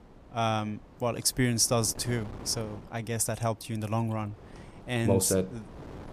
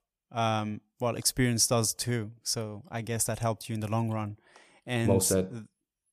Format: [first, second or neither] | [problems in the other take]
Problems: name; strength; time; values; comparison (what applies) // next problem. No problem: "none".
second | wind noise on the microphone; occasional gusts; 20 dB below the speech